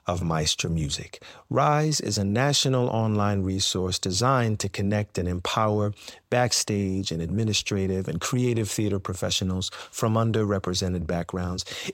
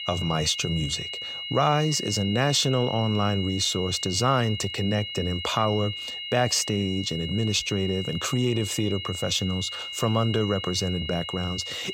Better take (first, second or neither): first